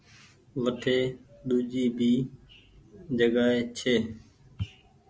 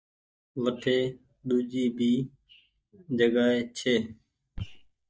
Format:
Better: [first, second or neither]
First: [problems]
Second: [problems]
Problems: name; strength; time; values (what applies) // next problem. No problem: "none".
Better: first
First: none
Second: noise reduction (neural mask model DeepFilterNet 3)